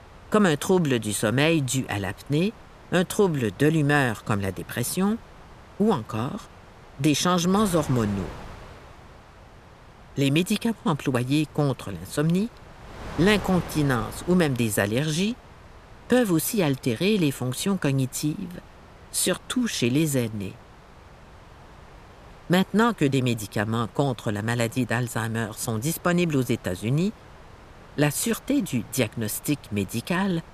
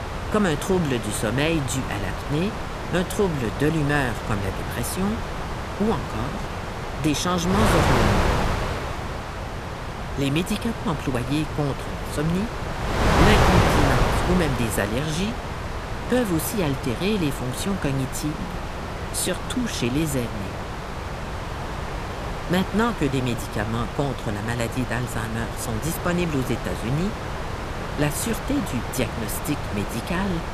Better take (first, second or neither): first